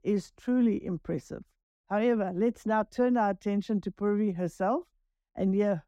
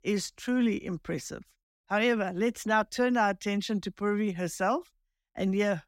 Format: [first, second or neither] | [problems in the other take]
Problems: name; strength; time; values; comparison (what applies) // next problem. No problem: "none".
second | muffled; slightly; fading above 1.5 kHz